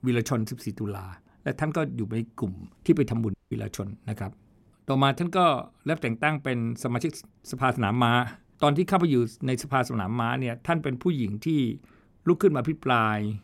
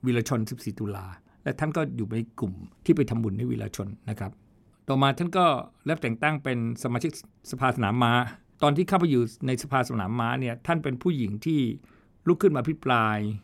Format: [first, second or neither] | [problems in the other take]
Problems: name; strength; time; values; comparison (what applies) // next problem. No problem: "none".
second | audio cutting out; at 3.5 s